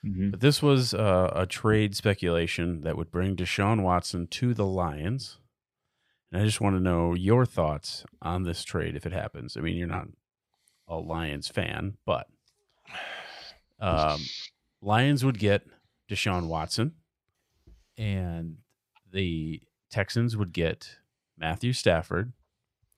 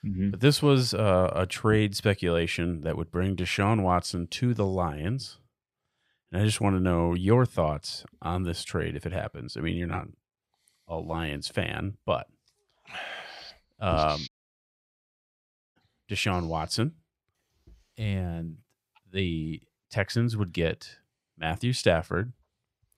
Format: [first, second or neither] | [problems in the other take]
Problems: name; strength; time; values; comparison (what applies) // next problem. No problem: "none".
first | audio cutting out; at 14 s for 1.5 s